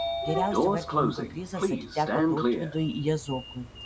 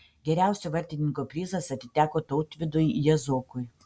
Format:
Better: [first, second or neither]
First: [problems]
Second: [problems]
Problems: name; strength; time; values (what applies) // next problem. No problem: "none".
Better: second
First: background sound (Sliding door); 2 dB above the speech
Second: none